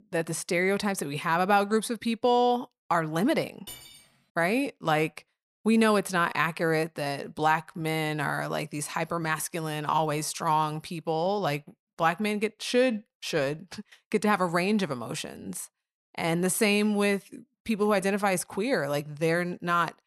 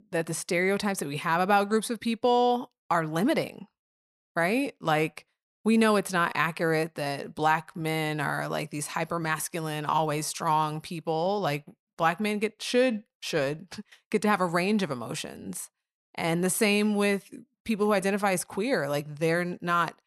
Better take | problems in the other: second | clattering dishes; faint; at 3.5 s; peak 15 dB below the speech

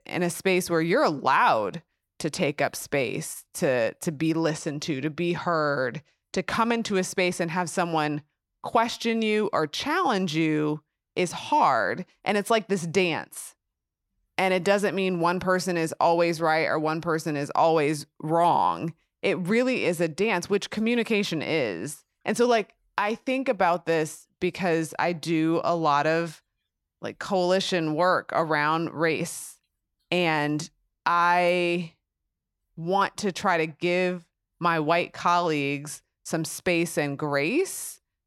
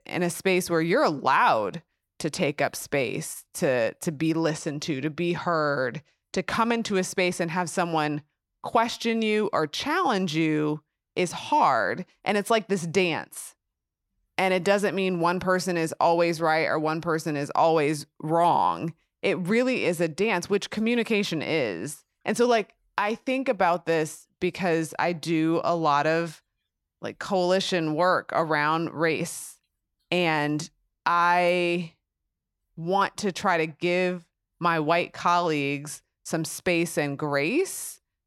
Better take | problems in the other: neither | none

